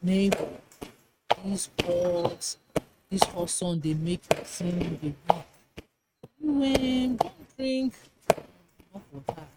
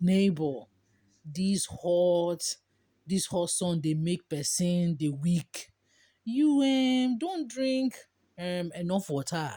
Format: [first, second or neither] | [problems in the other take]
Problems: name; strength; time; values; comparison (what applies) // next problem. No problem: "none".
second | noise reduction (neural mask model RNNoise)